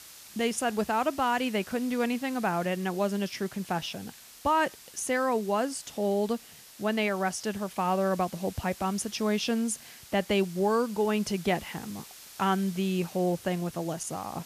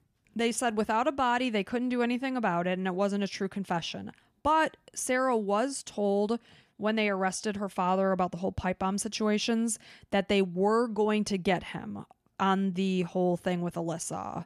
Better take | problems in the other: second | hiss; noticeable; throughout; 15 dB below the speech

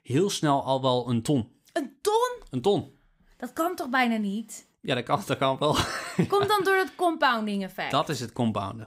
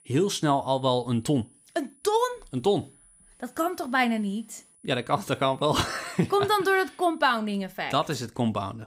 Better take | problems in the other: first | high-pitched whine; faint; until 7.5 s; 10 kHz, 30 dB below the speech

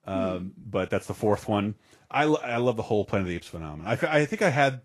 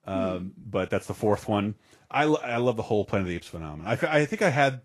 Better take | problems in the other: neither | garbled, watery; slightly; nothing above 12.5 kHz; the same in both

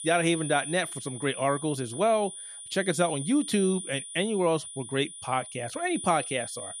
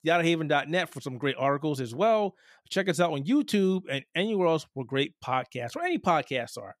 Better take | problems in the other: second | high-pitched whine; loud; throughout; 9.5 kHz, 9 dB below the speech

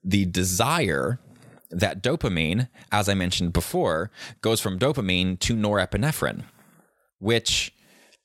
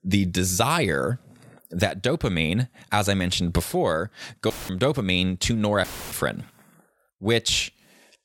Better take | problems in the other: first | audio cutting out; filled with static; at 4.5 s and at 6 s

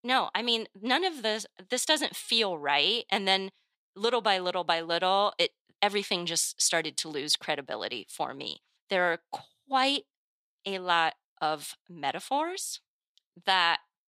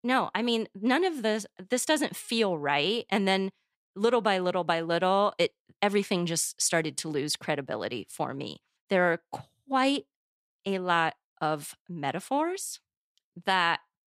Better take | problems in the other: second | thin; very slightly; fading below 850 Hz

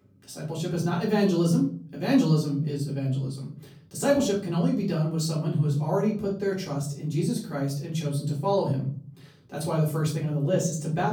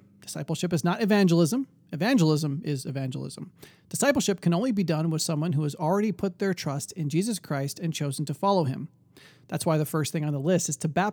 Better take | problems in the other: second | off-mic speech; far // room echo; slight; dies away in 0.6 s

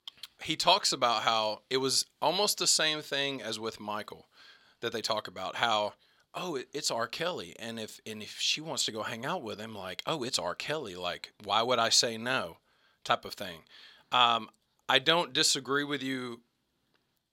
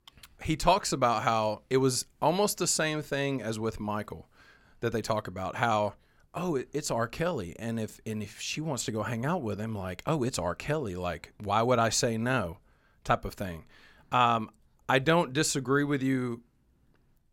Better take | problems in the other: second | thin; very slightly; fading below 1 kHz

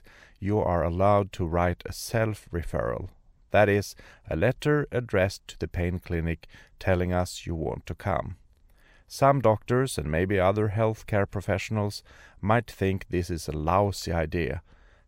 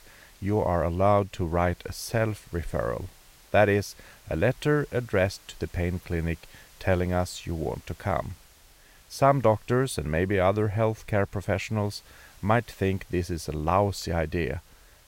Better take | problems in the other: first | hiss; faint; throughout; 25 dB below the speech

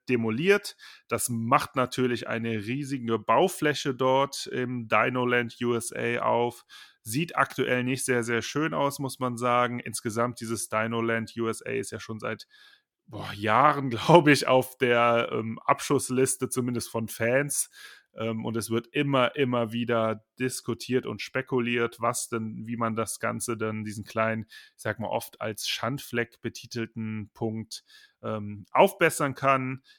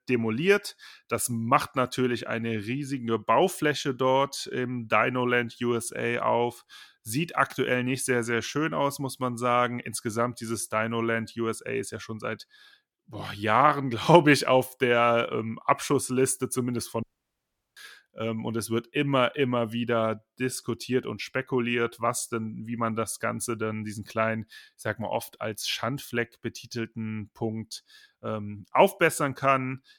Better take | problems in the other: first | audio cutting out; at 17 s for 0.5 s

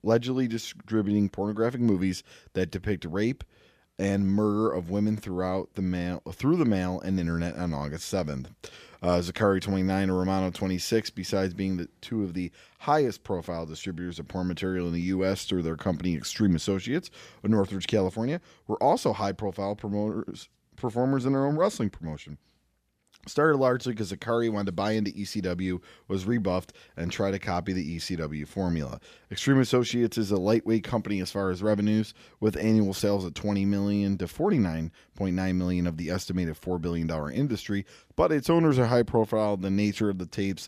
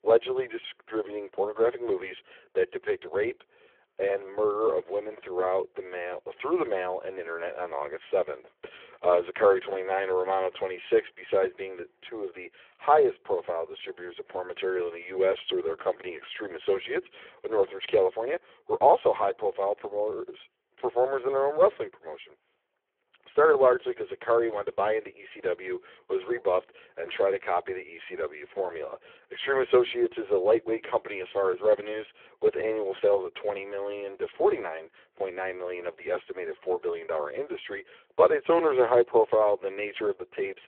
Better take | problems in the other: first | phone-call audio; poor line

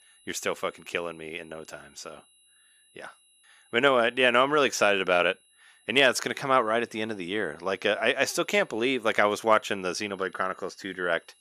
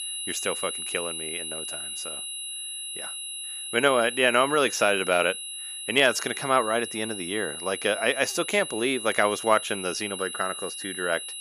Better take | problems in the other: first | high-pitched whine; loud; throughout; 11 kHz, 7 dB below the speech; faint in the first

